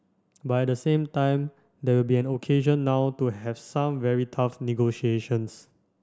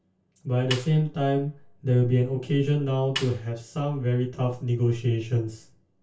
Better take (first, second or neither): first